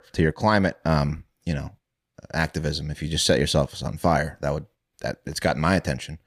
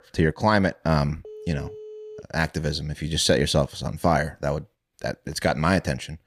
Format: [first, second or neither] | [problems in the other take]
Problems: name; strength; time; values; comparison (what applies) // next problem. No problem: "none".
first | phone ringing; faint; at 1 s; peak 15 dB below the speech